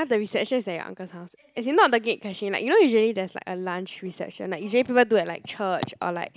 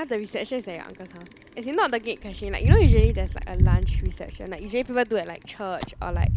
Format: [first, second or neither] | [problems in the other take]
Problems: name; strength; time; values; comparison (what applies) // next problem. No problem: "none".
first | background sound (Bicycle); 4 dB above the speech